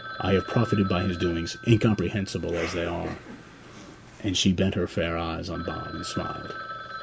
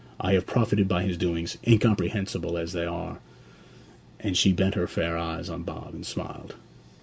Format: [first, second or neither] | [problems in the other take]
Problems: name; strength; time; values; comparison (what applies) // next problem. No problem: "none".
second | background sound (Cough + Telephone); 12 dB below the speech